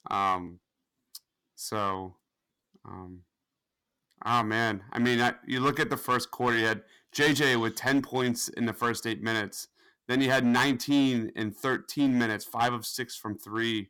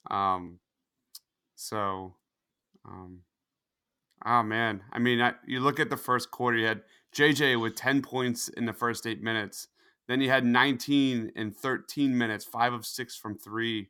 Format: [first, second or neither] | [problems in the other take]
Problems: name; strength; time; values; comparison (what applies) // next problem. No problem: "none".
second | distortion; slight; 4% of the sound clipped